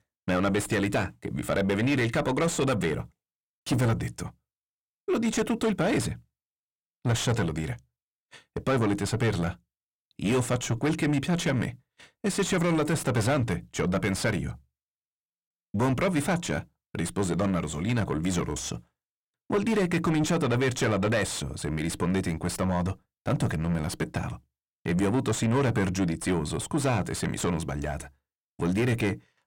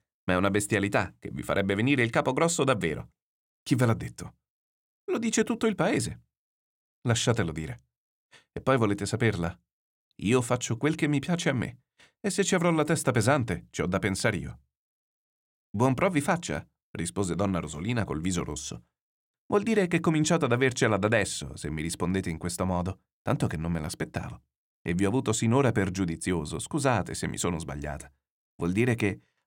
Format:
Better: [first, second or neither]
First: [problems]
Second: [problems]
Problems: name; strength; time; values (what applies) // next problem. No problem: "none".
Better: second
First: distortion; heavy; 7 dB below the speech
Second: none